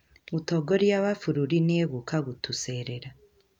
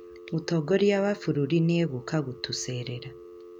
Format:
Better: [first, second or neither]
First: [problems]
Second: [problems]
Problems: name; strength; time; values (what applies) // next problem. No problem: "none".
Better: first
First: none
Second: background sound (Telephone); 18 dB below the speech